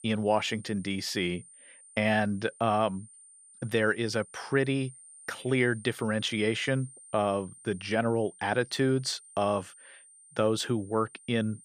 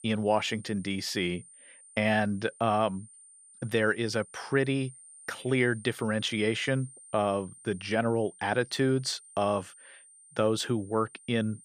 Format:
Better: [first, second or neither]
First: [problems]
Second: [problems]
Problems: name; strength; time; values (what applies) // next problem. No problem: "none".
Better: neither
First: high-pitched whine; faint; throughout; 9 kHz, 20 dB below the speech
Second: high-pitched whine; faint; throughout; 9 kHz, 20 dB below the speech